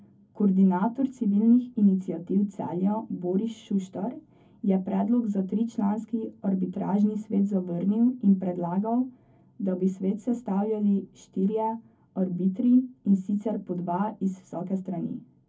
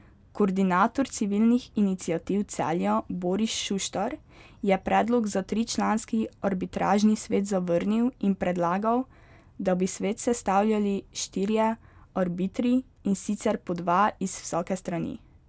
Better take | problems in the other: second | room echo; dies away in 0.3 s

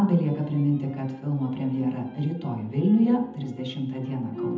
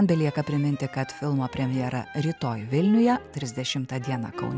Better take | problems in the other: second | room echo; dies away in 0.8 s

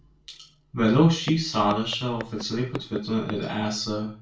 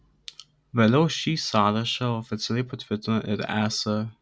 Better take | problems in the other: second | background sound (Walk, footsteps); 16 dB below the speech // room echo; dies away in 0.3 s

